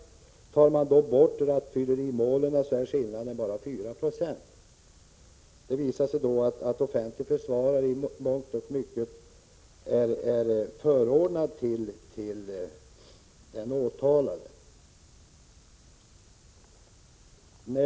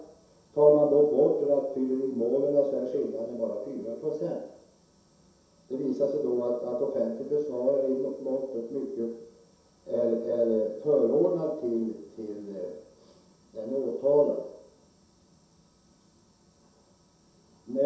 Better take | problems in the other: first | room echo; dies away in 0.7 s

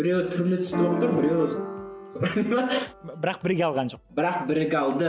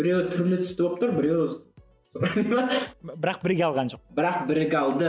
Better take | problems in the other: second | background sound (Piano); 6 dB below the speech

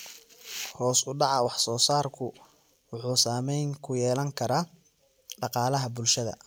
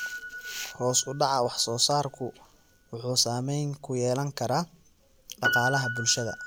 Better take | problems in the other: first | background sound (Piano); 7 dB below the speech

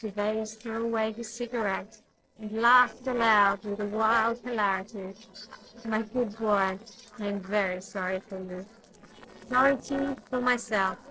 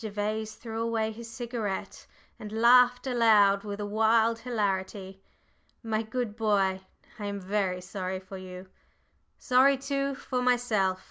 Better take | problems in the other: second | noise reduction (neural separator model SepFormer DNS4)

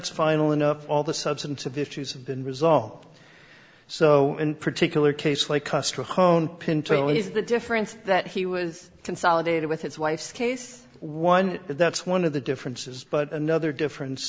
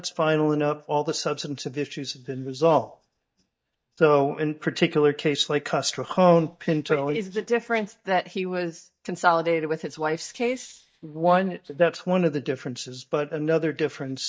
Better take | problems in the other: first | noise reduction (neural mask model DeepFilterNet 3)

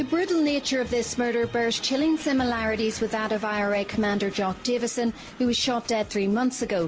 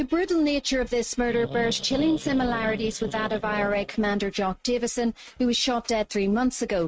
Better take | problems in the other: first | noise reduction (neural mask model RNNoise)

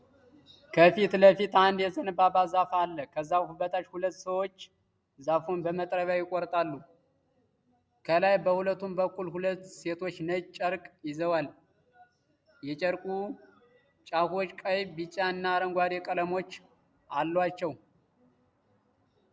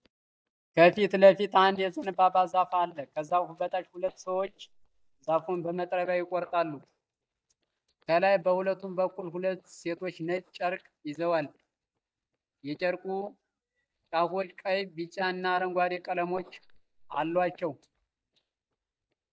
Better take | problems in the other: first | noise reduction (neural mask model DeepFilterNet 3)

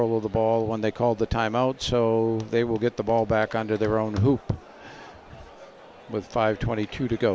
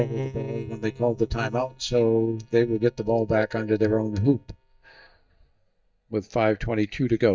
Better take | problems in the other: first | noise reduction (neural mask model DeepFilterNet 3)

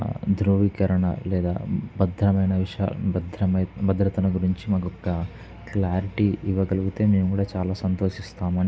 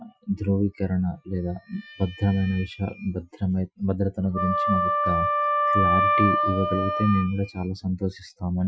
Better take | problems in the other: first | noise reduction (classical method Wiener filter)

